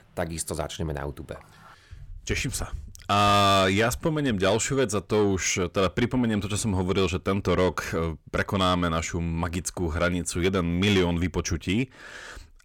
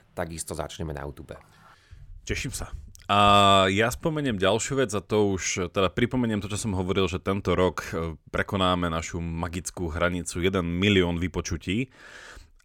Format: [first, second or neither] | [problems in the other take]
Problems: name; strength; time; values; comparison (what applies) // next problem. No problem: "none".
second | distortion; slight; 10 dB below the speech